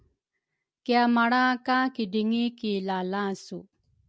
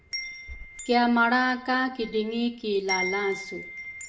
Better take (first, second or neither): first